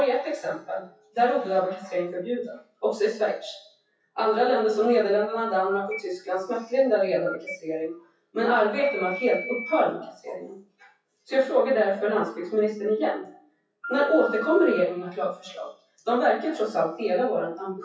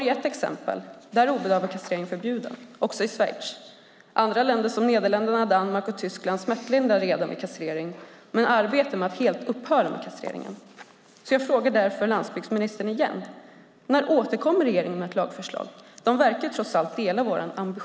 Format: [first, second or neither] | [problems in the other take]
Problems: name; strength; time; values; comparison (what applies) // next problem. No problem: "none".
second | noise reduction (classical method WPE with log-MMSE)